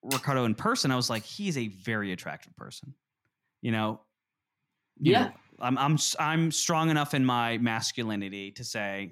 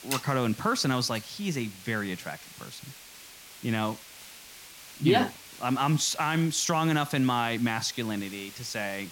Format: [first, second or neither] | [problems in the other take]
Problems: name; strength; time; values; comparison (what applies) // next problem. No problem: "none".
first | hiss; noticeable; throughout; 15 dB below the speech